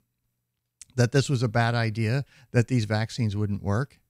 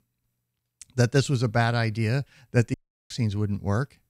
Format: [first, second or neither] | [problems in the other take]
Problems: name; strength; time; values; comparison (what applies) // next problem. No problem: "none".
first | audio cutting out; at 2.5 s